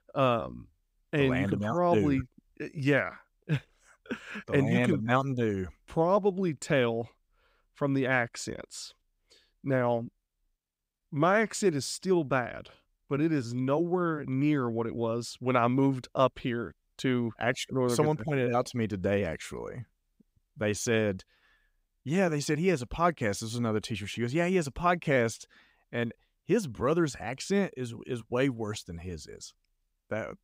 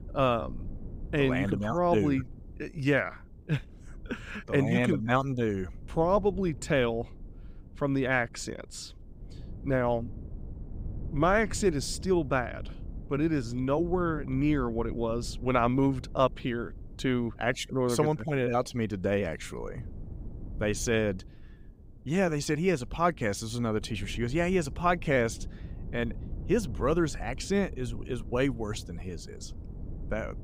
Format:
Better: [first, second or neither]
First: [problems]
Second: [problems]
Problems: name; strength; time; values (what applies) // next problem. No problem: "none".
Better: first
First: none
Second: low rumble; faint; throughout; 25 dB below the speech